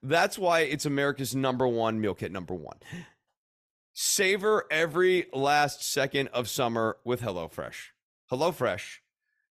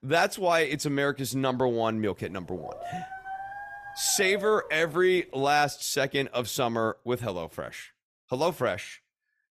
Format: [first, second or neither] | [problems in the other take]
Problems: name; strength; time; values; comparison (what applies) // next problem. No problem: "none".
first | dog barking; faint; from 2.5 to 5 s; peak 10 dB below the speech